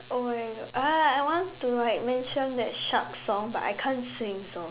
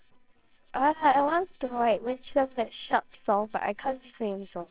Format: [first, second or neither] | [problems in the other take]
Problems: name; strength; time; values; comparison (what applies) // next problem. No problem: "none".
first | noise reduction (neural separator model SepFormer WHAMR!)